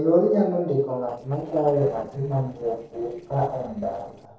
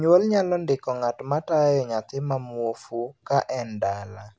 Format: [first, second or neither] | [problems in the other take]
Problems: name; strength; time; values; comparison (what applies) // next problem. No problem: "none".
second | noise reduction (neural separator model SepFormer DNS4)